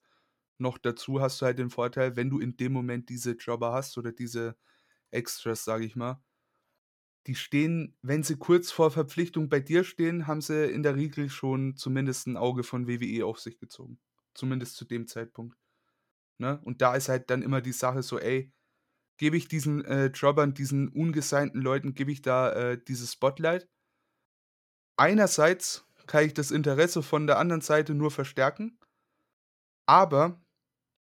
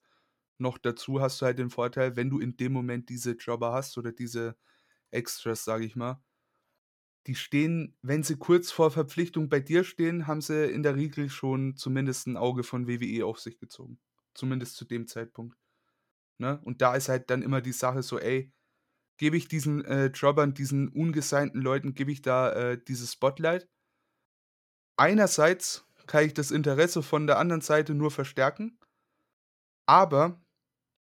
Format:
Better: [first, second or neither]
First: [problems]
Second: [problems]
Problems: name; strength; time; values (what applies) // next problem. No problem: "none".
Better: neither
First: none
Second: none